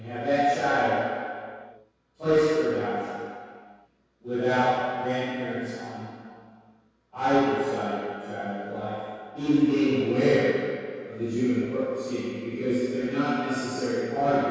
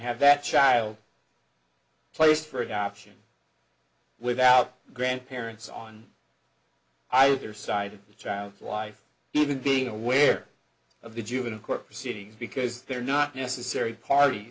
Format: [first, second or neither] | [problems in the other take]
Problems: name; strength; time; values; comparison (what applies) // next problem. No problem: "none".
second | room echo; dies away in 2 s